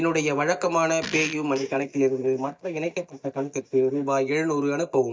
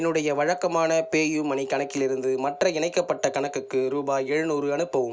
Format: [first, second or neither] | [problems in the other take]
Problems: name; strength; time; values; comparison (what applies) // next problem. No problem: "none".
second | noise reduction (neural mask model DeepFilterNet 3)